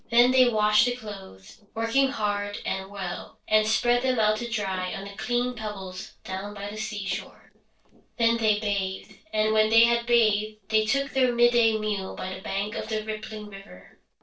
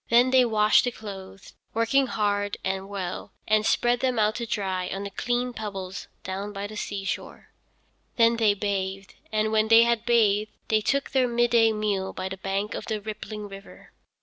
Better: second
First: noise reduction (neural separator model SepFormer DNS4)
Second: none

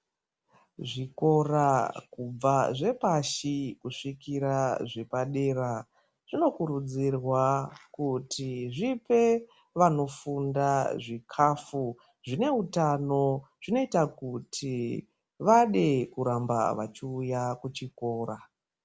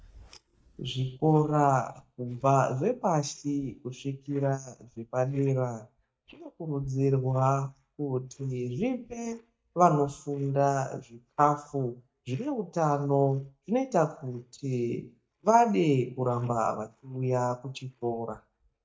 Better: first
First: none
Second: noise reduction (neural mask model DeepFilterNet 3)

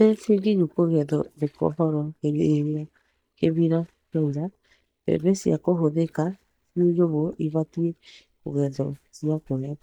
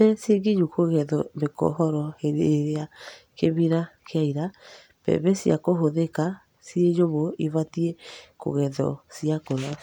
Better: second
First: noise reduction (neural mask model DeepFilterNet 3)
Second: none

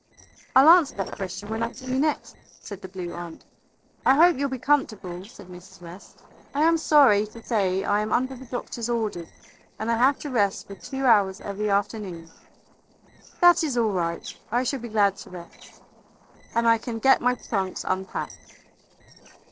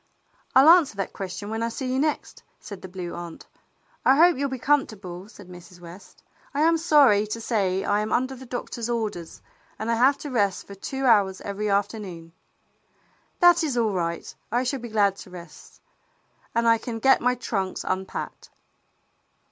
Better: second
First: noise reduction (neural separator model SepFormer DNS4)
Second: none

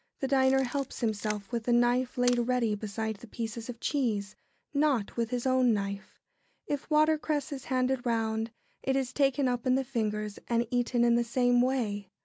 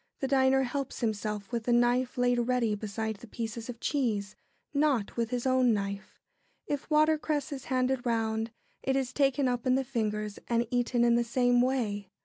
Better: second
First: background sound (Camera); 17 dB below the speech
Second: none

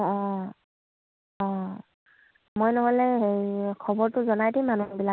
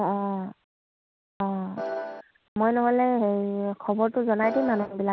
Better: first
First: none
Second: background sound (Piano); 6 dB below the speech

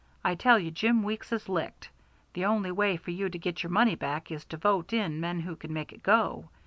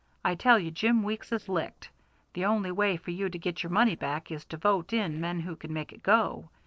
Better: first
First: none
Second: noise reduction (neural separator model SepFormer DNS4)

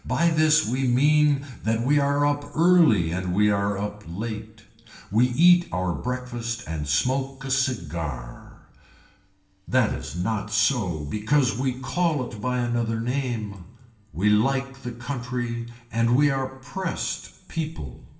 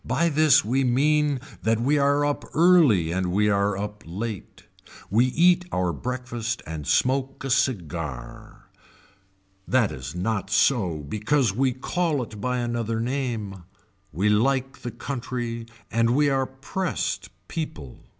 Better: second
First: room echo; dies away in 0.9 s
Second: none

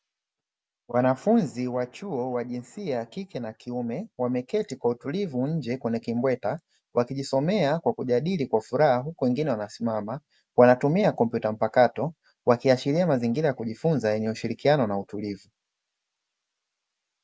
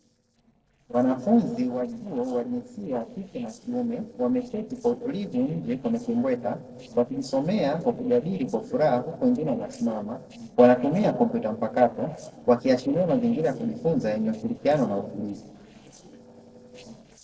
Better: first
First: none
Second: noise reduction (neural separator model SepFormer DNS4)

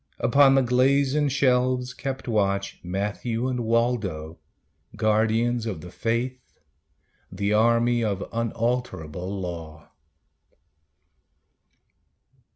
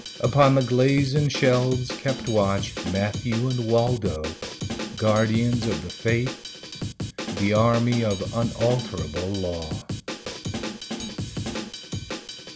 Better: first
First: none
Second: background sound (Drum kit); 8 dB below the speech

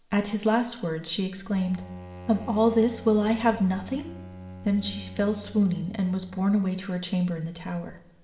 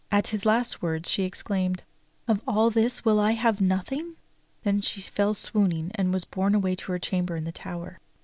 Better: second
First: background sound (Bowed string instrument); 18 dB below the speech // room echo; dies away in 0.8 s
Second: none

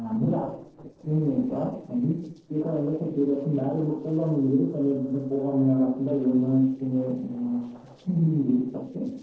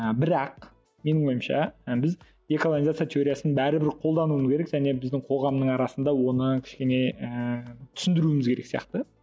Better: second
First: noise reduction (neural separator model SepFormer DNS4)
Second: none

